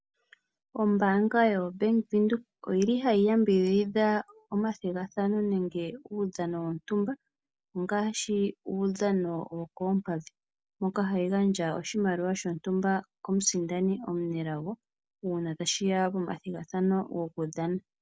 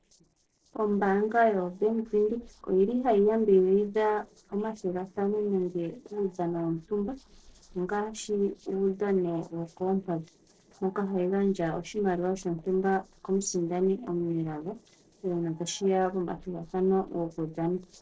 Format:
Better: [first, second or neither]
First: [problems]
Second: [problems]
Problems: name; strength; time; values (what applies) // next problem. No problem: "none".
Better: first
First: none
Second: noise reduction (neural separator model SepFormer DNS4)